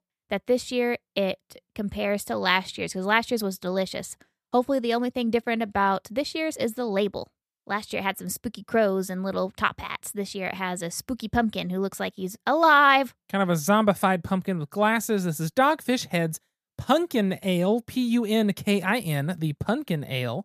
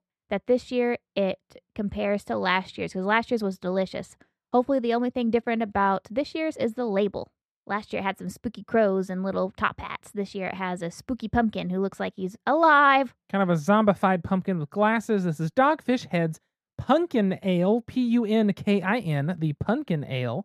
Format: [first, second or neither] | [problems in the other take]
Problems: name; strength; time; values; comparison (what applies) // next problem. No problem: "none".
first | muffled; slightly; fading above 2 kHz